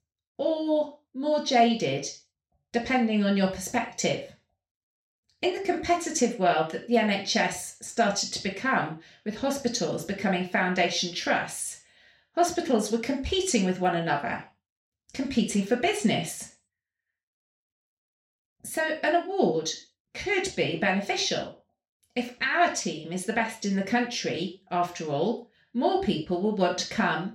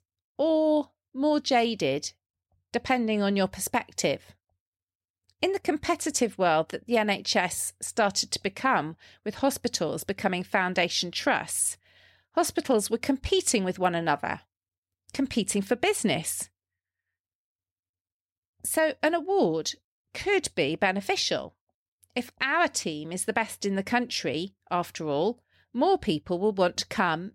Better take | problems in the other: second | room echo; slight; dies away in 0.3 s // off-mic speech; far

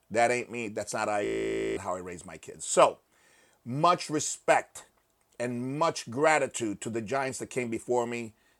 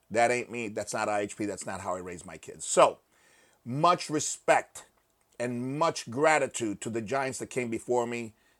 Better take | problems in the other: second | audio freezing; at 1.5 s for 0.5 s

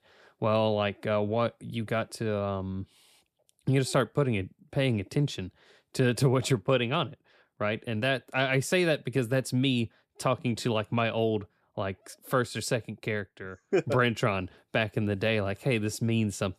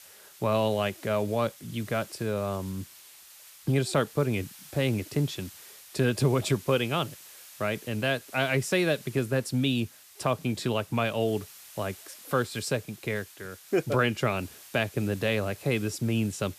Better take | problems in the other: first | hiss; noticeable; throughout; 20 dB below the speech

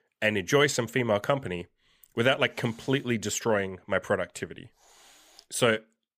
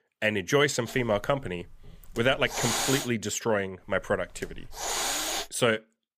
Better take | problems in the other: first | hiss; loud; from 1 to 3 s and from 4 to 5.5 s; 2 dB below the speech; faint in the first

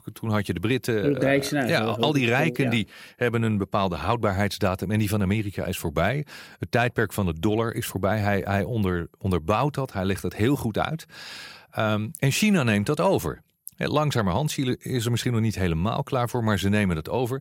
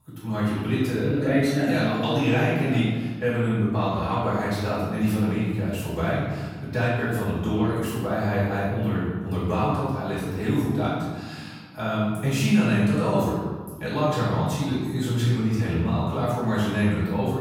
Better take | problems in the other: first | off-mic speech; far // room echo; strong; dies away in 1.5 s

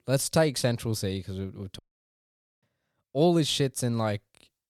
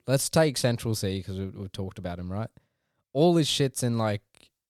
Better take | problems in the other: second | audio cutting out; at 2 s for 1 s

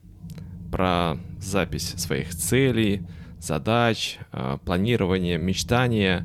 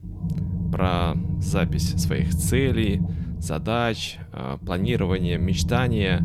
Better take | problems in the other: first | low rumble; loud; throughout; 9 dB below the speech; faint in the first

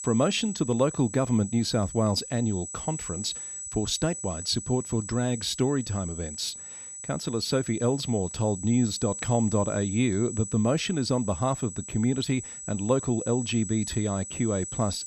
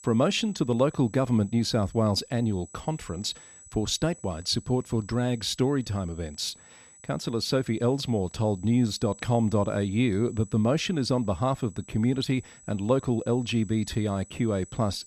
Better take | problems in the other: second | high-pitched whine; loud; throughout; 8 kHz, 9 dB below the speech; faint in the second

